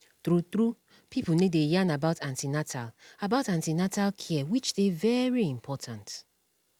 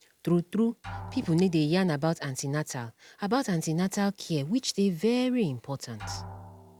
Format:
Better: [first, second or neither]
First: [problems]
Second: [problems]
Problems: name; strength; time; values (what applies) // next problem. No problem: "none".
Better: first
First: none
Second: background sound (Drum); 19 dB below the speech